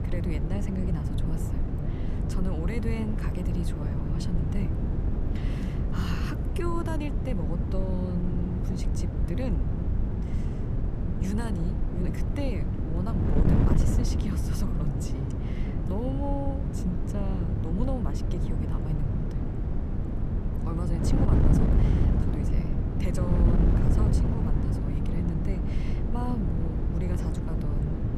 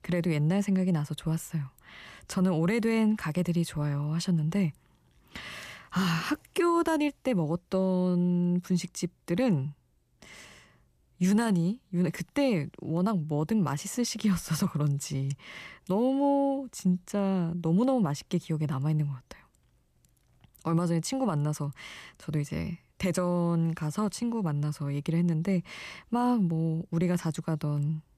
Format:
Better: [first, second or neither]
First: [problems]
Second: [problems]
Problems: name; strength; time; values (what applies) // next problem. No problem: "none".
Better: second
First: wind noise on the microphone; heavy; 1 dB above the speech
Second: none